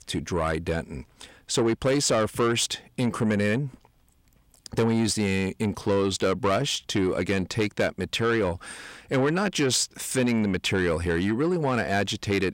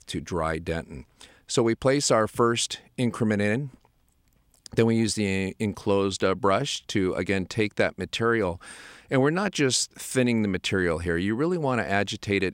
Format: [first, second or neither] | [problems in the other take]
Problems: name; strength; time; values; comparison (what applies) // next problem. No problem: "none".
second | distortion; slight; 10 dB below the speech